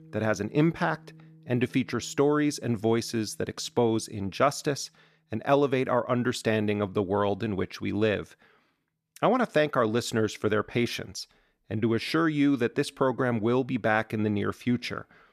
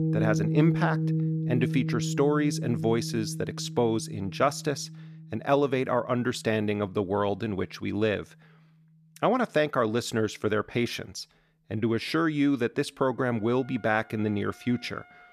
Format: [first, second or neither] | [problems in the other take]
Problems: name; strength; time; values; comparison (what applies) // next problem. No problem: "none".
first | background music; loud; throughout; 3 dB below the speech; faint in the first